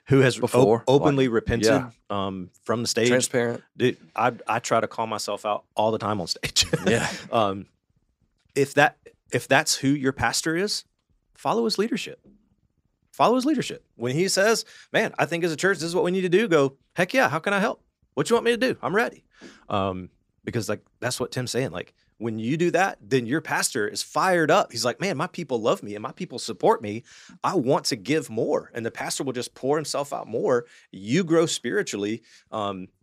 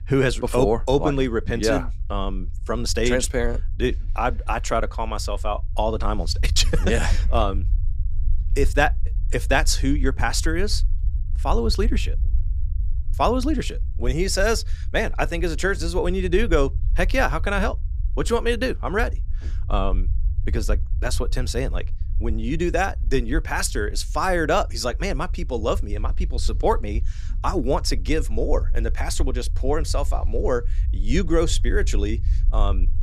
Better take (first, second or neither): first